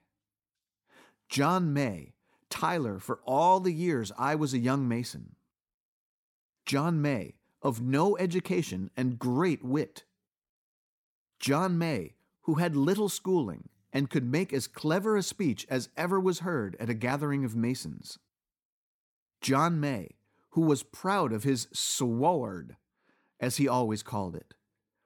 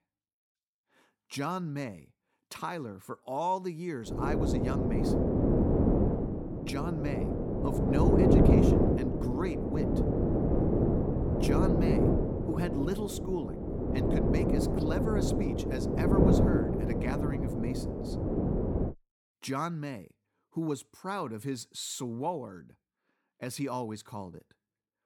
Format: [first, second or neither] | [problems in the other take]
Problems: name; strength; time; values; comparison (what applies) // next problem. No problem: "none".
first | wind noise on the microphone; heavy; from 4 to 19 s; 5 dB above the speech